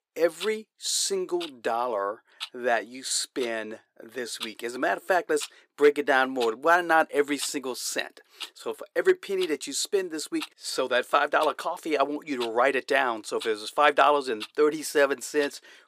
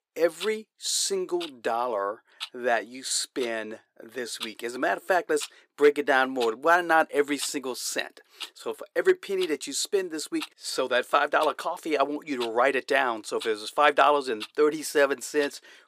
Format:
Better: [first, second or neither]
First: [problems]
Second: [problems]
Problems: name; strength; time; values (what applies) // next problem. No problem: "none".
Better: neither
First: thin; somewhat; fading below 400 Hz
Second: thin; somewhat; fading below 400 Hz